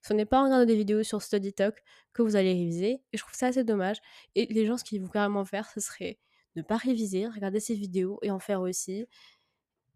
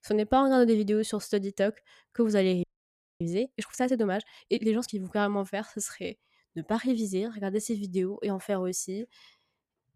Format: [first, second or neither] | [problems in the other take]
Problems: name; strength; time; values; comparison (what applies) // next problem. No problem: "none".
first | audio freezing; at 2.5 s for 0.5 s